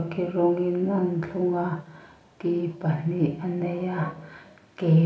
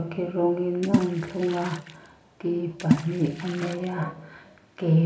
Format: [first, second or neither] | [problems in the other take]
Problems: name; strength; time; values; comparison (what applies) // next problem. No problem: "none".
first | background sound (Water / Splash, splatter); 5 dB below the speech